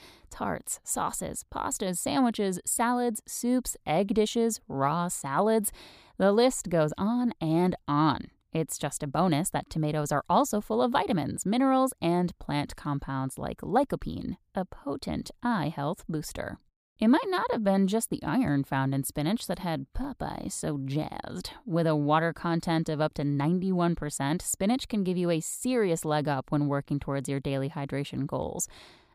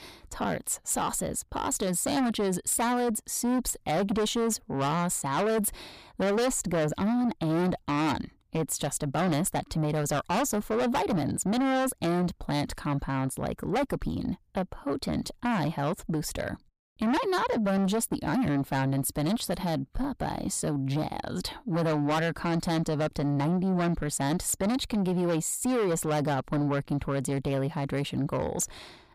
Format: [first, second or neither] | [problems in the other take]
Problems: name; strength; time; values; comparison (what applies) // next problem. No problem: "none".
first | distortion; heavy; 7 dB below the speech